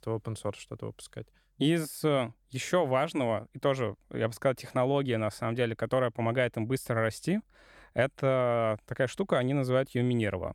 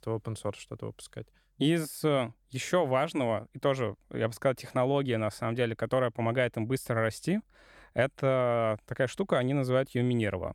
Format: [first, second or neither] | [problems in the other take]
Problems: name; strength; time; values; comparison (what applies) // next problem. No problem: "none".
neither | none